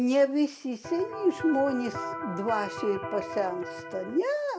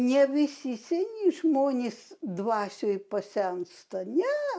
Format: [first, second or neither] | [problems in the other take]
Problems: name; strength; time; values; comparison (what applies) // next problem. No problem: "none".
second | background sound (Electric guitar); 9 dB below the speech